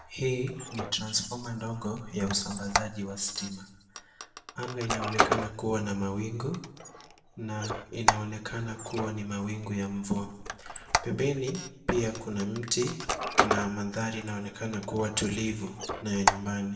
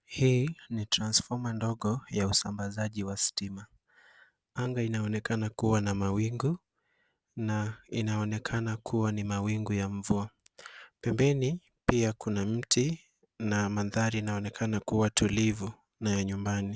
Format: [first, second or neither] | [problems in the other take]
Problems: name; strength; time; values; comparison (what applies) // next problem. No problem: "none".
second | background sound (Squeak); 2 dB below the speech // room echo; dies away in 1 s